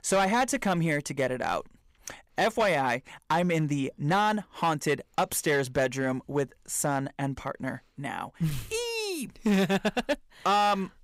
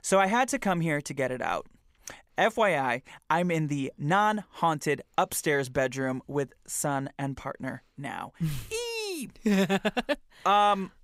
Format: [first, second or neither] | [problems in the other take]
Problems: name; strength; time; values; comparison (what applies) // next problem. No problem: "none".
second | distortion; slight; 6% of the sound clipped